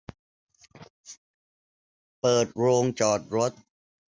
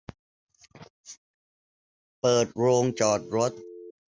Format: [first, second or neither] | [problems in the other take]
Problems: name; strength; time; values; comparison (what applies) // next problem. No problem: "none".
first | background sound (Telephone); 15 dB below the speech